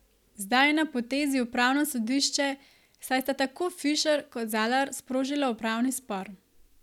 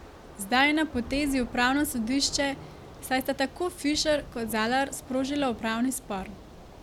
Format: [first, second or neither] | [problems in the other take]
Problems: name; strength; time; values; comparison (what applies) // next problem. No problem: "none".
first | background sound (Thunder / Rain); 16 dB below the speech